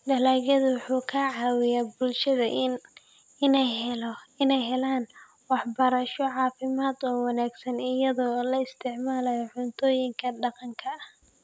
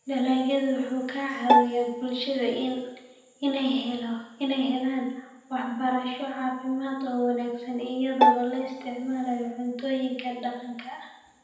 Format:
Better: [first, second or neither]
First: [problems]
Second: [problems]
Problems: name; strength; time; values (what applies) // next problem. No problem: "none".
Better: first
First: none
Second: background sound (Bowed string instrument); 3 dB above the speech // room echo; dies away in 0.9 s